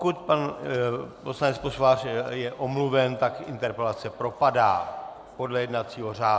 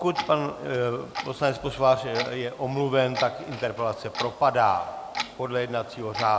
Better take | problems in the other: first | background sound (Clock); 12 dB below the speech

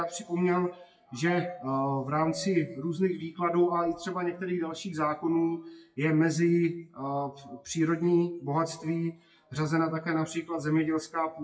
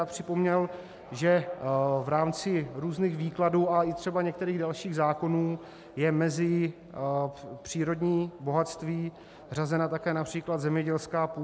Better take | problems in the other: second | noise reduction (classical method WPE with log-MMSE)

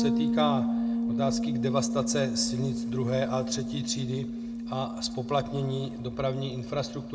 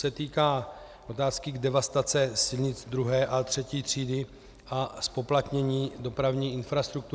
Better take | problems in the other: second | background sound (Bass guitar); as loud as the speech // room echo; dies away in 0.3 s

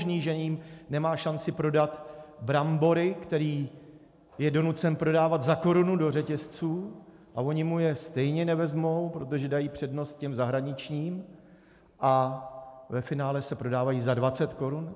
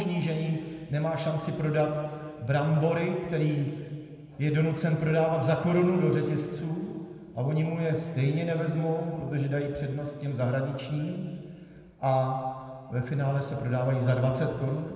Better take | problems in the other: first | room echo; dies away in 2.2 s

